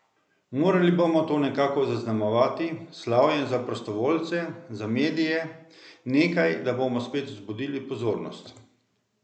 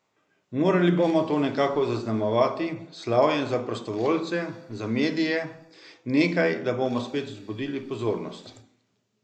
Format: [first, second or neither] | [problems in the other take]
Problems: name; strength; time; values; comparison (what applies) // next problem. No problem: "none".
first | noise reduction (neural mask model Resemble Enhance denoiser)